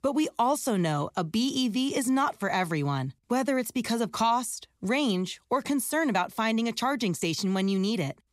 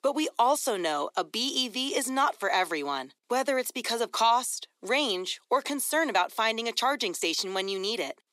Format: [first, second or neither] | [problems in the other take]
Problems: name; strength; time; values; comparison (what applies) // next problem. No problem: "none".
first | thin; somewhat; fading below 350 Hz